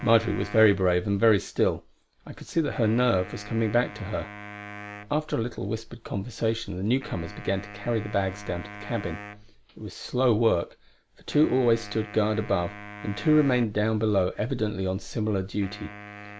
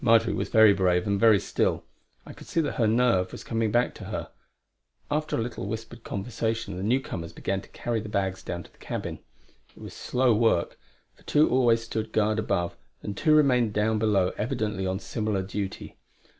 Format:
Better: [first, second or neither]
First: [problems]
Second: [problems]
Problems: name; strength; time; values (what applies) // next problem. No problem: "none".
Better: second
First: background sound (Wind instrument, woodwind instrument); 17 dB below the speech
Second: none